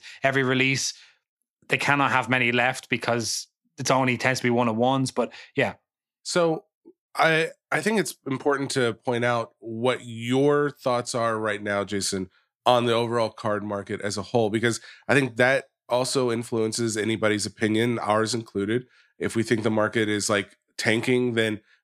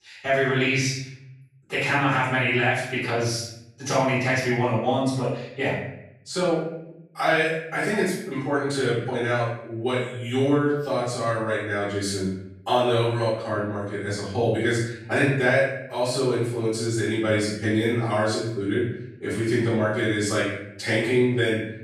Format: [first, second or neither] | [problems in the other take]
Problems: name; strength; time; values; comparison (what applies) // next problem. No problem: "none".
first | off-mic speech; far // room echo; noticeable; dies away in 0.8 s